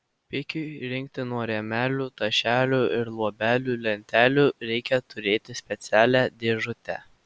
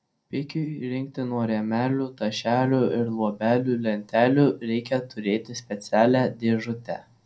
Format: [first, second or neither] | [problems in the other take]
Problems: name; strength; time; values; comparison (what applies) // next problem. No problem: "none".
first | room echo; dies away in 0.2 s